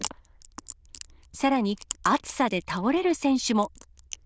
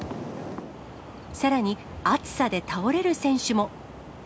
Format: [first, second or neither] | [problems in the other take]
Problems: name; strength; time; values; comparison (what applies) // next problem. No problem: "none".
second | noise reduction (neural diffusion model UNIVERSE++)